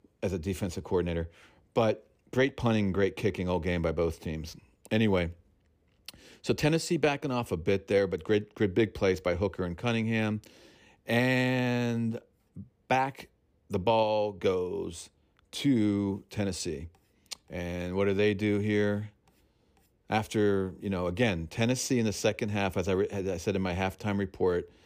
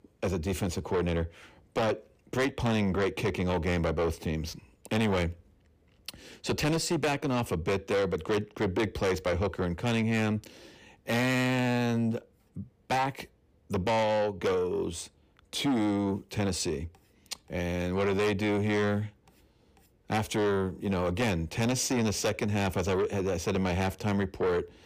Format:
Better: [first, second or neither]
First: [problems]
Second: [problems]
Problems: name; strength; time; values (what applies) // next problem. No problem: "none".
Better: first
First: none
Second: distortion; heavy; 8 dB below the speech